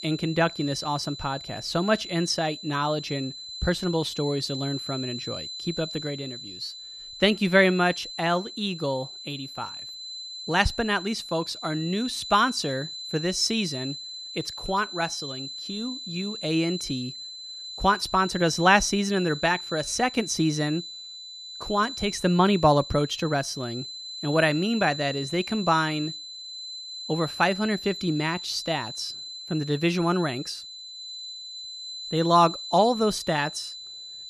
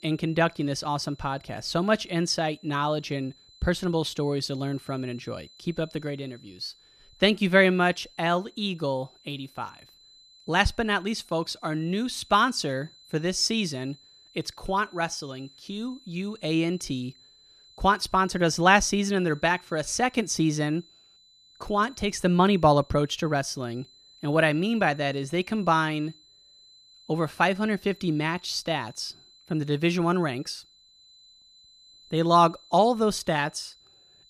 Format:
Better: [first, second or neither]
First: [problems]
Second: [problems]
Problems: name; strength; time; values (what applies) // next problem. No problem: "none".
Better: second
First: high-pitched whine; loud; throughout; 4 kHz, 10 dB below the speech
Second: high-pitched whine; faint; throughout; 4 kHz, 25 dB below the speech